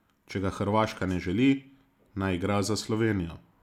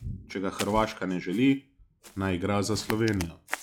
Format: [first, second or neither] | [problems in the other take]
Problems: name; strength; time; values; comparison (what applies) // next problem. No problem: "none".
first | noise reduction (classical method log-MMSE)